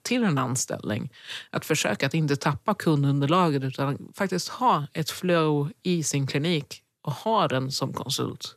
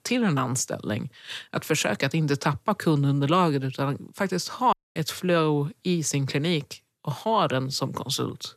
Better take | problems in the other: first | audio cutting out; at 4.5 s

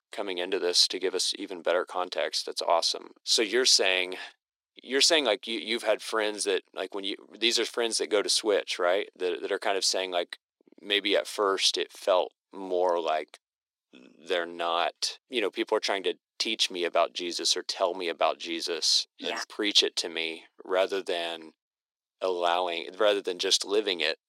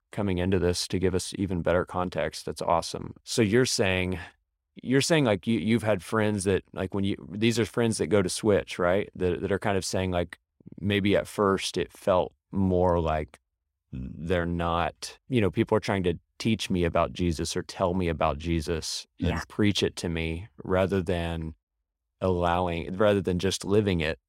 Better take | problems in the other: second | thin; very; fading below 300 Hz

